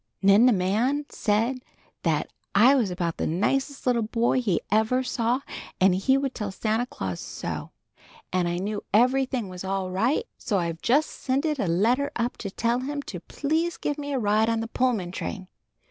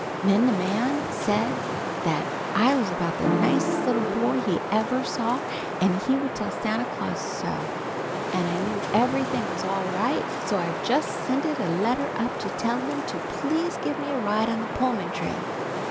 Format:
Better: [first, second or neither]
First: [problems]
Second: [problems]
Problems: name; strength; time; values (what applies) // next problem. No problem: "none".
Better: first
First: none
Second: background sound (Piano + Wind); 2 dB below the speech